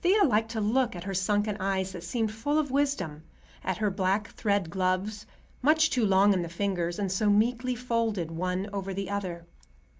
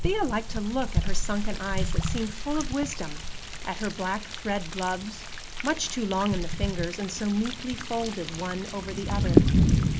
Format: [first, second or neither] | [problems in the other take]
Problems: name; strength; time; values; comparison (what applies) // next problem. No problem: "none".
first | background sound (Thunder); 3 dB above the speech